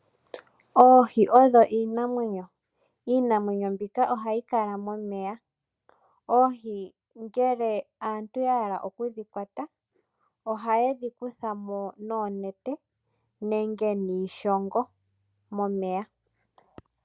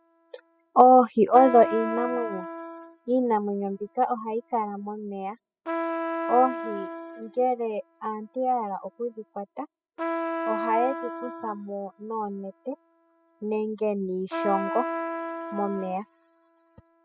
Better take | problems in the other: first | noise reduction (classical method spectral subtraction)

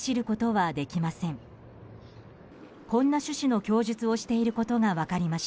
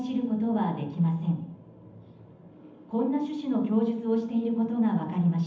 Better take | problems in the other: first | room echo; dies away in 0.8 s

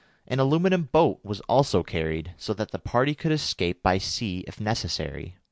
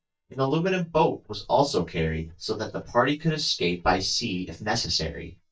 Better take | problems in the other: first | noise reduction (neural mask model DeepFilterNet 3)

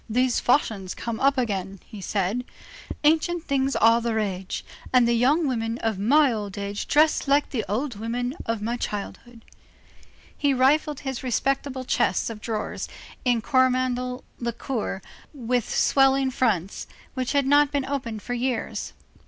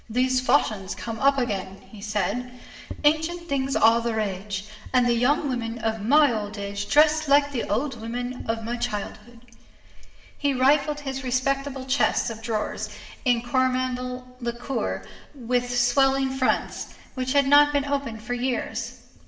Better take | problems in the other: first | room echo; dies away in 1 s

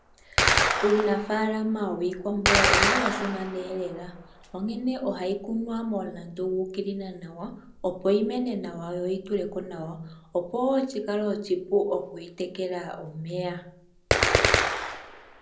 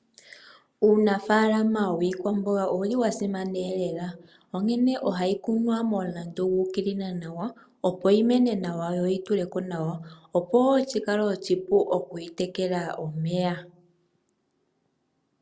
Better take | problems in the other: second | background sound (Gunshot, gunfire); 1 dB below the speech // room echo; dies away in 0.5 s

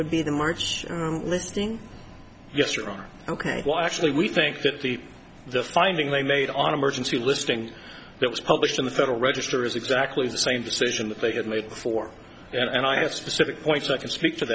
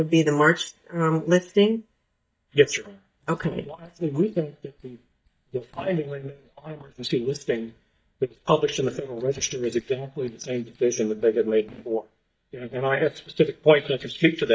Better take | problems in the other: first | noise reduction (neural mask model DeepFilterNet 3)

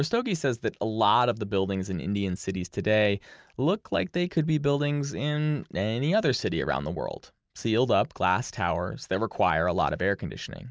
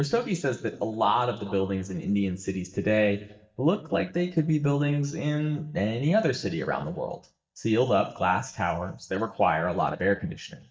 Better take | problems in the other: first | noise reduction (neural mask model DeepFilterNet 3)

